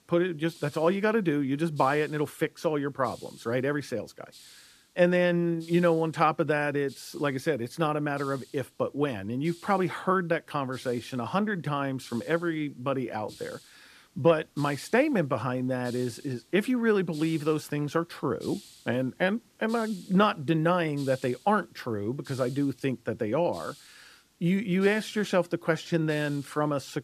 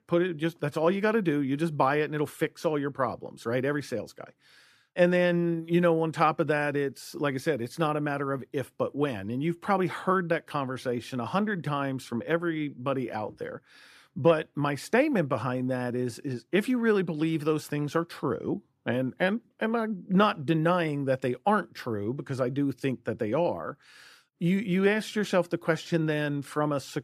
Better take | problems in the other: second | hiss; faint; throughout; 25 dB below the speech

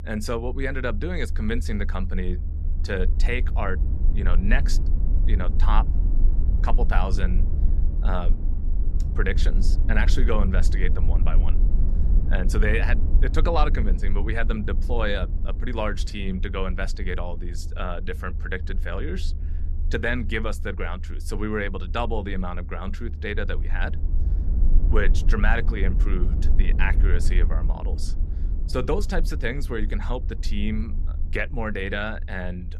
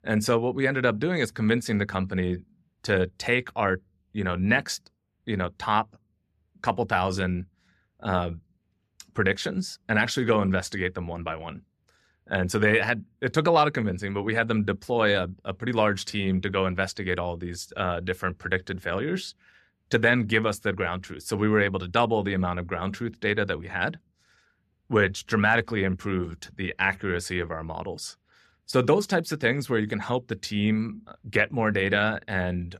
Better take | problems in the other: second | low rumble; noticeable; throughout; 15 dB below the speech

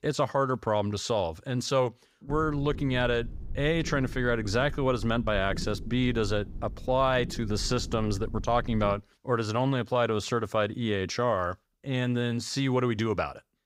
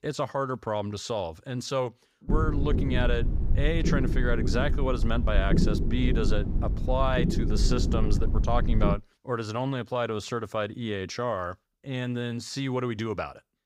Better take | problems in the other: first | low rumble; loud; from 2.5 to 9 s; 7 dB below the speech; faint in the first

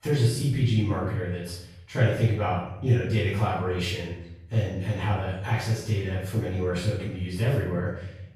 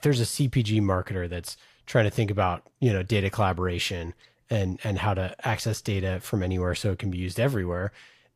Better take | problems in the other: second | off-mic speech; far // room echo; noticeable; dies away in 0.7 s

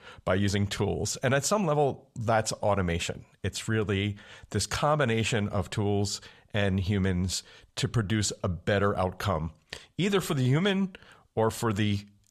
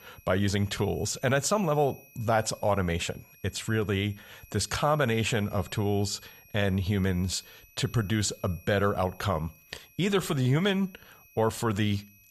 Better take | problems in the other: first | high-pitched whine; faint; throughout; 2.5 kHz, 25 dB below the speech

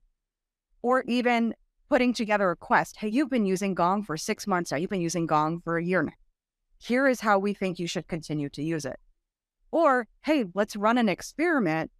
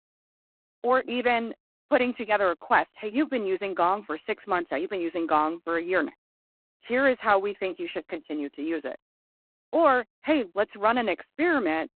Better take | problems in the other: first | phone-call audio; poor line; nothing above 4 kHz

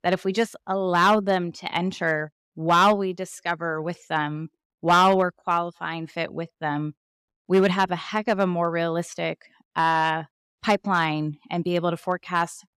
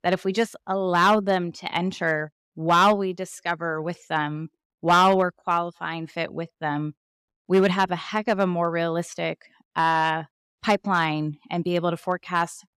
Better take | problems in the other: neither | distortion; slight; 1.6% of the sound clipped; the same in both

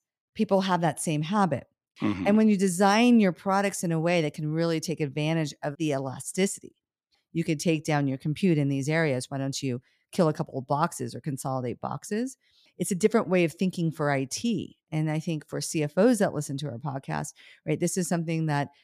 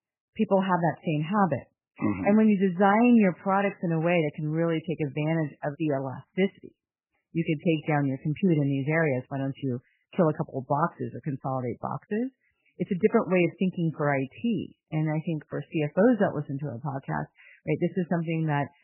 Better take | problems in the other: first | garbled, watery; badly; nothing above 3 kHz

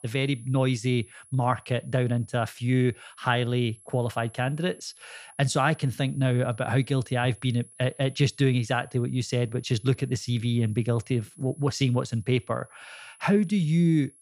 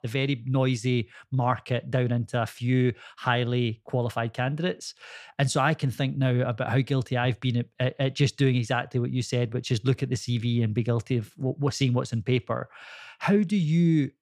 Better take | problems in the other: second | high-pitched whine; faint; throughout; 10.5 kHz, 25 dB below the speech

